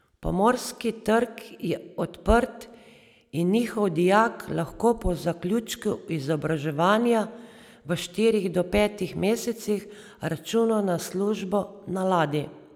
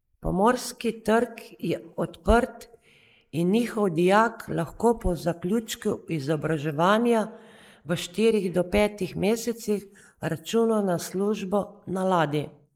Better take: first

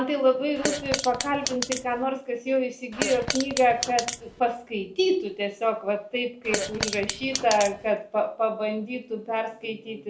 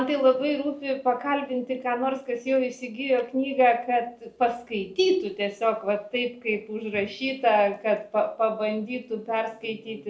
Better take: second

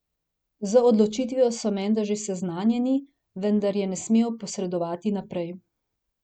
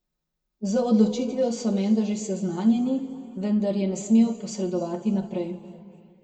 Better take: first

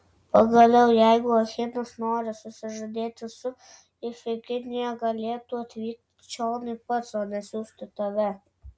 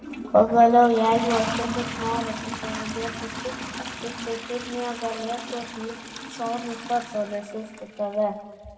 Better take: first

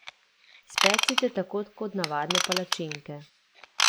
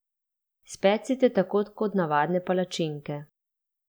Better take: second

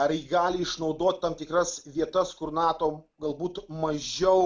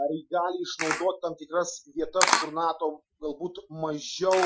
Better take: first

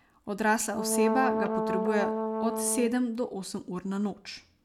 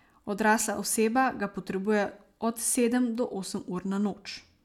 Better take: second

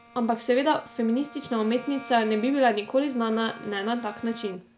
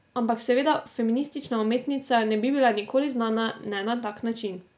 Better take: second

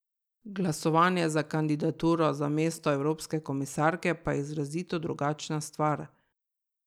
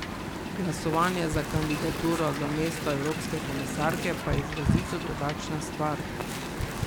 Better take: first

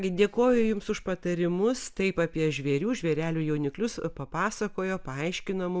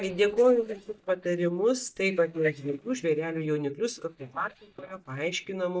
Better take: first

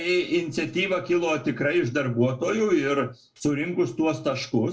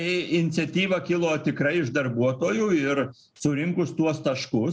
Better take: second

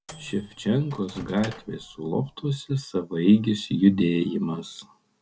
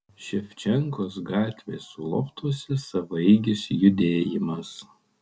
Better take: second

